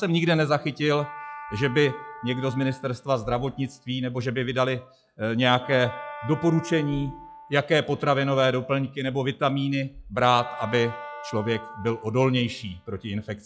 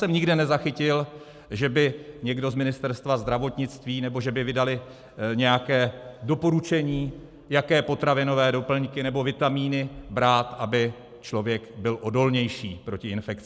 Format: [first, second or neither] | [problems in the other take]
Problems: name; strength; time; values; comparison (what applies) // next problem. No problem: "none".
second | noise reduction (classical method log-MMSE)